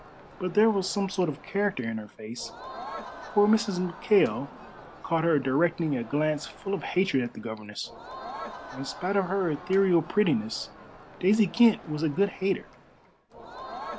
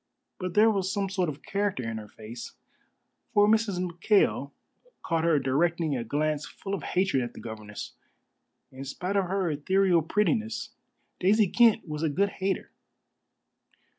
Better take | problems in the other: second | background sound (Crowd); 16 dB below the speech

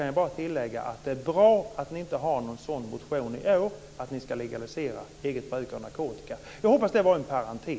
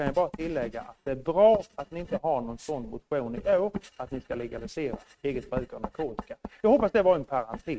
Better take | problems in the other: first | noise reduction (neural mask model RNNoise)

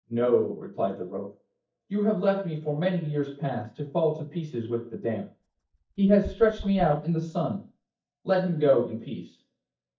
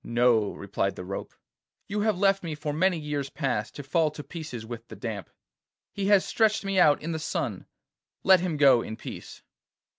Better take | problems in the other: second | noise reduction (neural mask model DeepFilterNet 3)

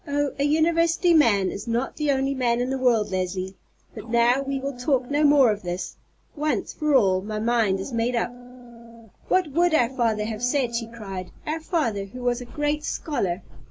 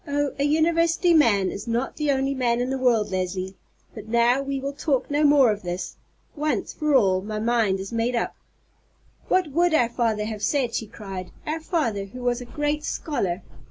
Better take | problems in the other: second | background sound (Dog); 15 dB below the speech

